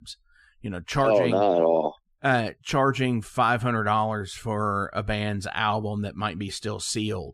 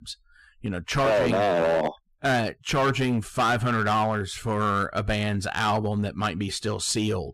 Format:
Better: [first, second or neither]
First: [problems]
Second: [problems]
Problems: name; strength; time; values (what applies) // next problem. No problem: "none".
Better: first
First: none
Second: distortion; heavy; 10% of the sound clipped